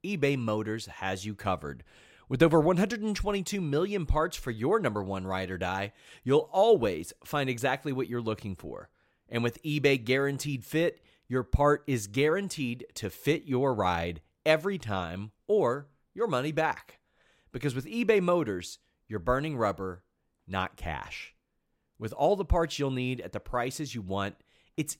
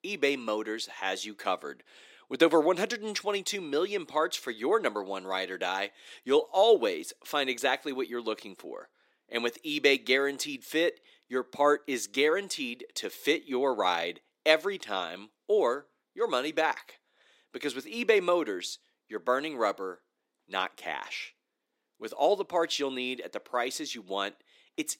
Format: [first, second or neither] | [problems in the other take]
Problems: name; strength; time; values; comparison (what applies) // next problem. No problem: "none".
first | thin; somewhat; fading below 300 Hz